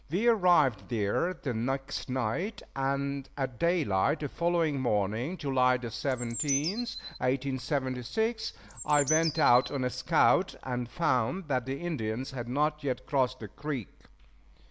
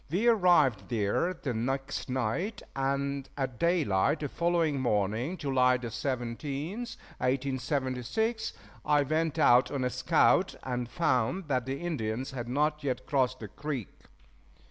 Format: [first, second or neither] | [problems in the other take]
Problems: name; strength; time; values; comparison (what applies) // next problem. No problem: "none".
second | background sound (Bird); 7 dB below the speech